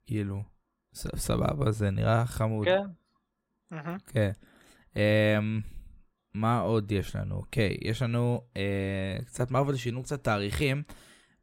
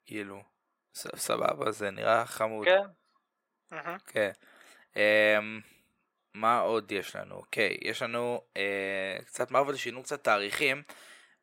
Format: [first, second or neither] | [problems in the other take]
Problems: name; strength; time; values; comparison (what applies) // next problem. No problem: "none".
first | thin; very; fading below 400 Hz